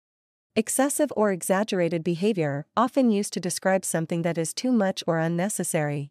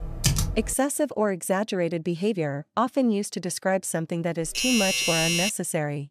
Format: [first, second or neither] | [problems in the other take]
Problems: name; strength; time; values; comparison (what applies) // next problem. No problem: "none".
first | keyboard typing; loud; at the start; peak 2 dB above the speech // doorbell; loud; from 4.5 to 5.5 s; peak 4 dB above the speech